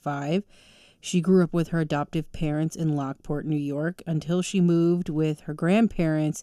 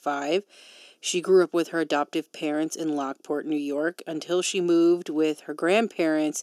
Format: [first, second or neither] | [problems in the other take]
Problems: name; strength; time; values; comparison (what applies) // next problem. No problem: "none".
first | thin; somewhat; fading below 350 Hz